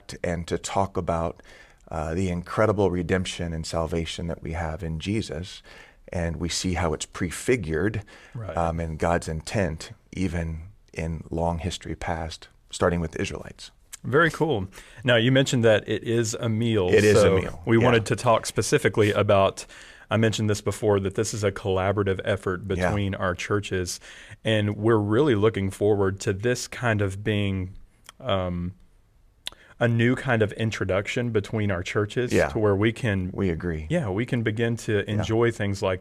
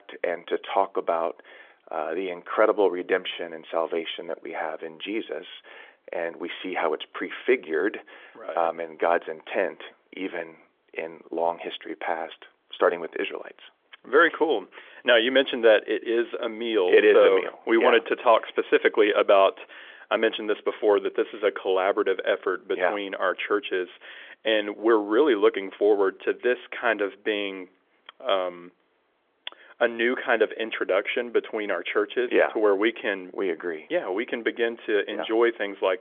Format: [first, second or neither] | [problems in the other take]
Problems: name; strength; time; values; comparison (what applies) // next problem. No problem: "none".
first | phone-call audio; nothing above 3.5 kHz